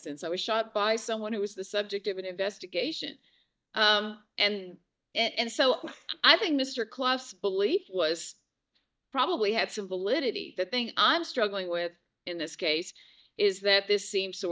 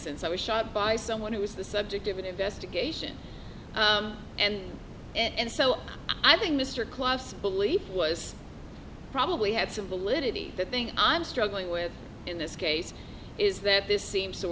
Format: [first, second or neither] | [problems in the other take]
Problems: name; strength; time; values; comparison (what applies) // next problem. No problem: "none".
second | noise reduction (neural mask model DeepFilterNet 3)